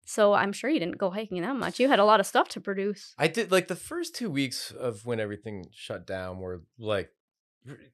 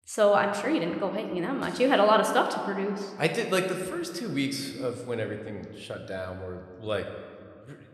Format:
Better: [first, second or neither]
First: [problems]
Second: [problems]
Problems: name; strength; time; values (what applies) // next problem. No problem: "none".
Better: first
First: none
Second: room echo; slight; dies away in 1.5 s